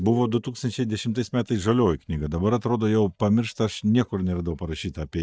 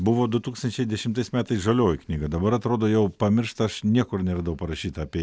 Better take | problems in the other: second | noise reduction (neural mask model DeepFilterNet 3)

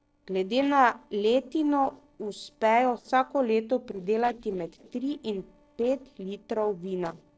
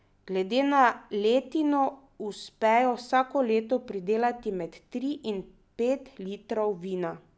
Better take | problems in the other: second | noise reduction (neural separator model SepFormer DNS4)

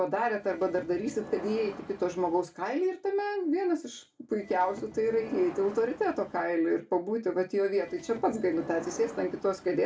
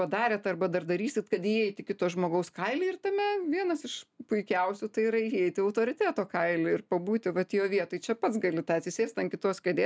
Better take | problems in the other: second | background sound (Subway, metro, underground / Sliding door); 16 dB below the speech // room echo; dies away in 0.2 s

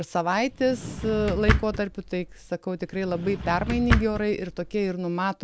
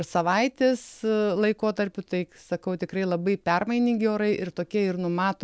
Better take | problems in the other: second | background sound (Drawer open or close); 3 dB below the speech

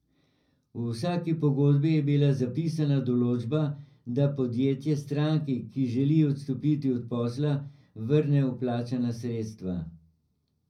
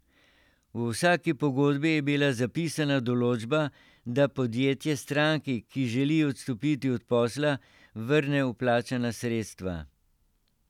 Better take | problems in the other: second | room echo; dies away in 0.4 s

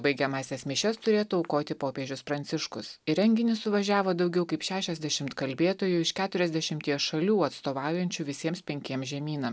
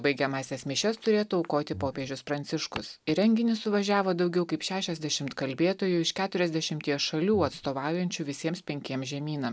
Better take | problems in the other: first | background sound (Walk, footsteps + Breathing); 14 dB below the speech

